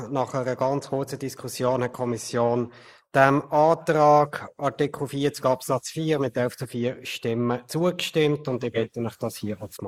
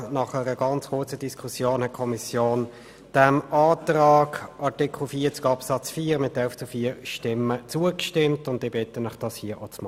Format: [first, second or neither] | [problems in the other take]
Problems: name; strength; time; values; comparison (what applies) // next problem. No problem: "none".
second | noise reduction (neural mask model Resemble Enhance denoiser)